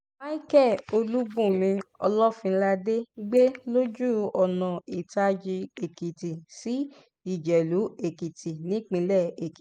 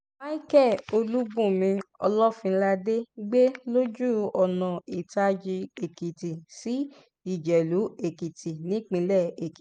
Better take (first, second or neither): second